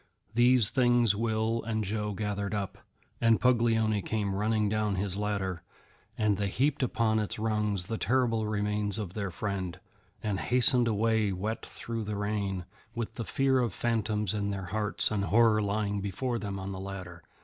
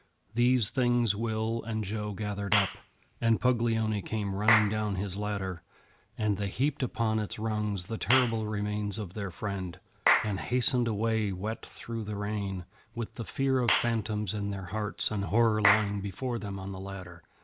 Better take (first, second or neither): first